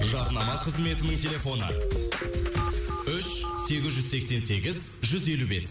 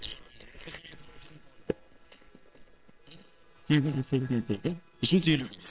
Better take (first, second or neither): first